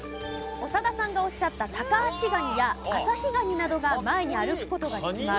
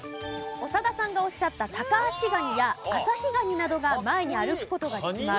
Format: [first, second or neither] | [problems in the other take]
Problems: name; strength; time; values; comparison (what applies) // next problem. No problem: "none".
second | background sound (Musical instrument); 14 dB below the speech